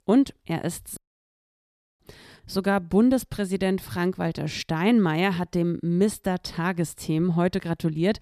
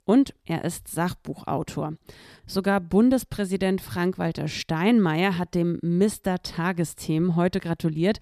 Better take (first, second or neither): second